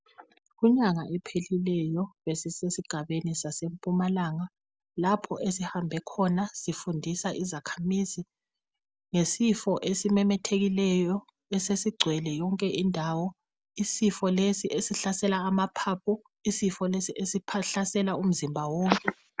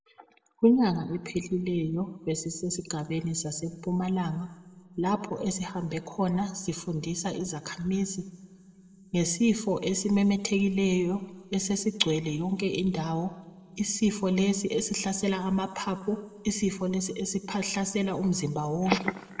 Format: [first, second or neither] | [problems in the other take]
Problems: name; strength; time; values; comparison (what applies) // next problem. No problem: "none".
first | room echo; dies away in 1.5 s